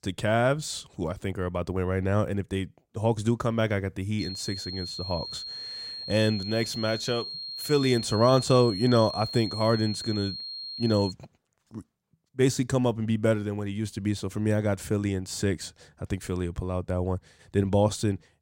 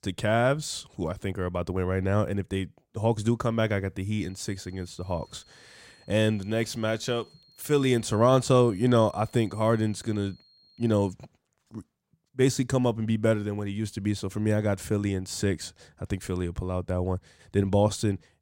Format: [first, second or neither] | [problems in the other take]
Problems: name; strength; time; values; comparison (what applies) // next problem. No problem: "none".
second | high-pitched whine; loud; from 4 to 11 s; 4 kHz, 7 dB below the speech; faint in the second